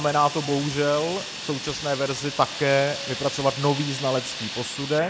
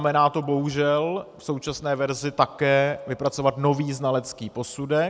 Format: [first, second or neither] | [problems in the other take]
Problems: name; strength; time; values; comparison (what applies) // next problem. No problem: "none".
second | background sound (Fire); 9 dB below the speech